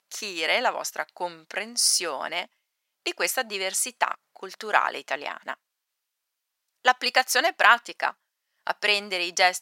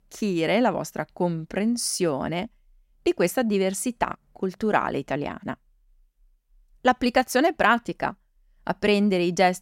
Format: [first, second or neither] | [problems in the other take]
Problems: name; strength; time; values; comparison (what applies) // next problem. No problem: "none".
second | thin; very; fading below 950 Hz